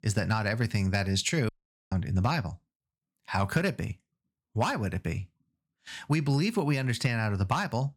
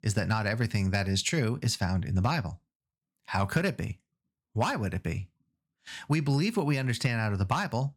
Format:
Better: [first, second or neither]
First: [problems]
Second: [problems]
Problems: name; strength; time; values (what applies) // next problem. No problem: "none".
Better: second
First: audio cutting out; at 1.5 s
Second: none